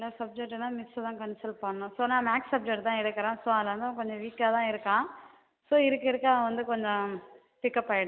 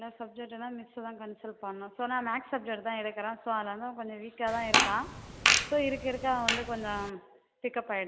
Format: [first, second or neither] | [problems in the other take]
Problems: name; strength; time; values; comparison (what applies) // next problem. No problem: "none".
first | background sound (Fart); 4 dB above the speech